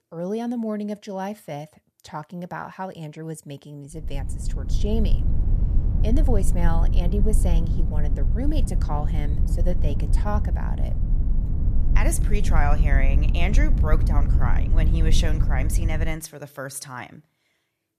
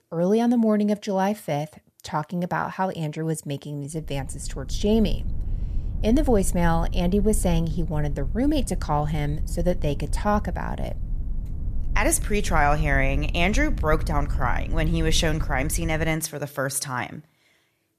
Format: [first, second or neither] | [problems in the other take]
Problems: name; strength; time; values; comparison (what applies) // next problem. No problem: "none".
second | low rumble; loud; from 4 to 16 s; 8 dB below the speech; faint in the second